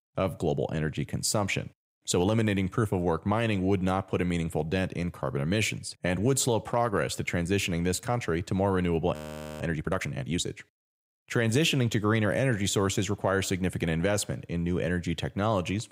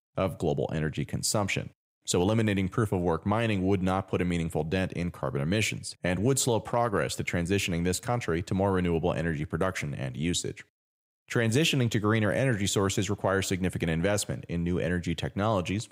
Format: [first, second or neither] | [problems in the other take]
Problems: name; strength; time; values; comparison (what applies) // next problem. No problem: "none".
second | audio freezing; at 9 s